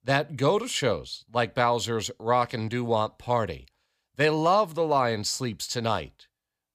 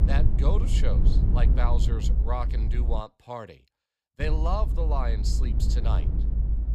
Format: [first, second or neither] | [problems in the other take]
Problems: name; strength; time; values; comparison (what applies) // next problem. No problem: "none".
first | low rumble; loud; until 3 s and from 4 s on; 7 dB below the speech